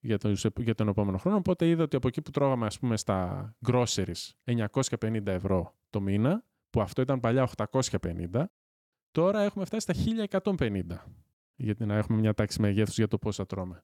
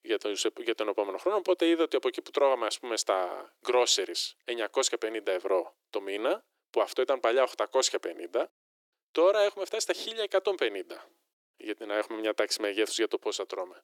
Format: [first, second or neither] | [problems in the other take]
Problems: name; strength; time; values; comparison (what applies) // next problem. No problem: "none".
first | thin; very; fading below 350 Hz